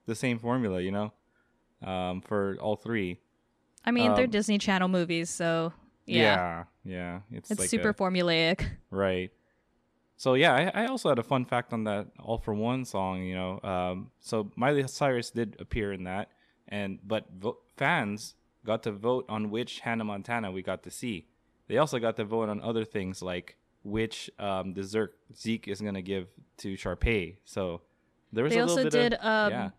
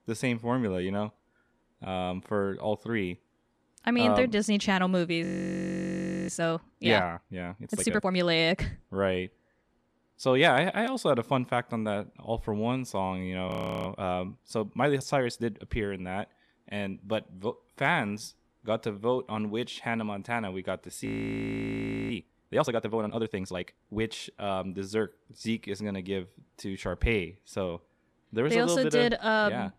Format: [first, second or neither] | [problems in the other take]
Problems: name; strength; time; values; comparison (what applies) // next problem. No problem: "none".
first | audio freezing; at 5.5 s for 1 s, at 13 s and at 21 s for 1 s